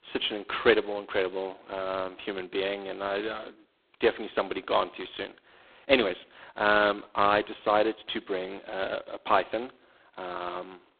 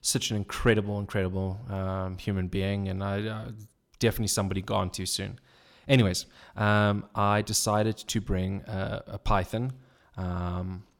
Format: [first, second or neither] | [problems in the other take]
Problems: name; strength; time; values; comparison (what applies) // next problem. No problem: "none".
second | phone-call audio; poor line; nothing above 4 kHz